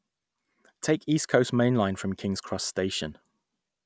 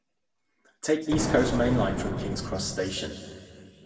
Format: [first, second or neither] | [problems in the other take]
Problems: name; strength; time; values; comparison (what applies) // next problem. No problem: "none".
first | background sound (Explosion); 3 dB below the speech // room echo; dies away in 2 s